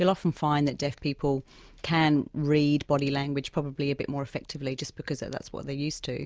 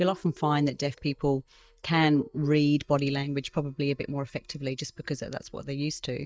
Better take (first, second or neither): first